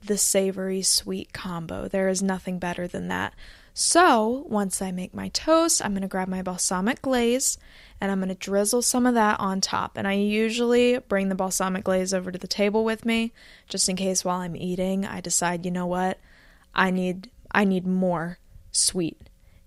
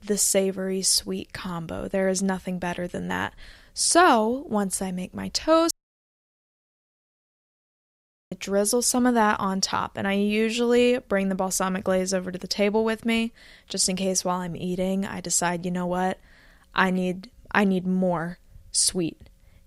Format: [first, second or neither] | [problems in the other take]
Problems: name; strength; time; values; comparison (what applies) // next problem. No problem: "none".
first | audio cutting out; at 5.5 s for 2.5 s